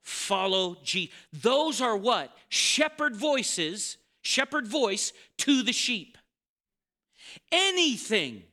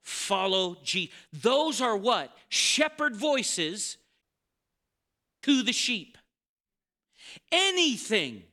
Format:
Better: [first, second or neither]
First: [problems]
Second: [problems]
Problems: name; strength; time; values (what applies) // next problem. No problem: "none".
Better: first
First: none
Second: audio cutting out; at 4 s for 1 s